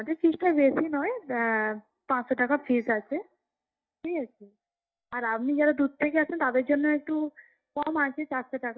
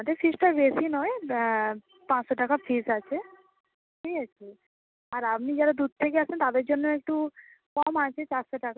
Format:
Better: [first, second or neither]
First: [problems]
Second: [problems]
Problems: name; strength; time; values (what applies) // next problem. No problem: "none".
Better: second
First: noise reduction (neural mask model DeepFilterNet 3)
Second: none